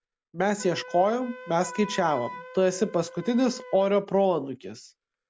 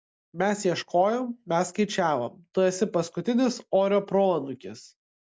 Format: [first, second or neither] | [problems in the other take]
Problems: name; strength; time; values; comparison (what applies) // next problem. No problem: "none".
second | background sound (Wind instrument, woodwind instrument); 17 dB below the speech